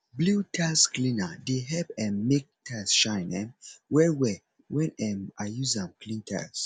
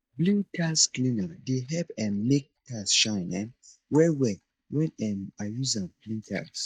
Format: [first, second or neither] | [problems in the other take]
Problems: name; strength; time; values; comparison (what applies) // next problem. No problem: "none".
first | noise reduction (neural mask model DeepFilterNet 3)